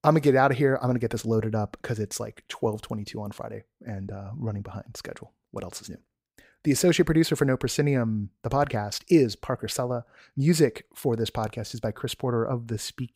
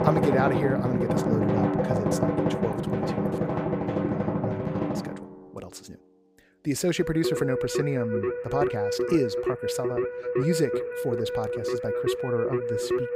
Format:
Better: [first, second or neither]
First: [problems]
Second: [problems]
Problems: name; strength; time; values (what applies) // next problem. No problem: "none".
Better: first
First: none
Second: background music; very loud; throughout; 3 dB above the speech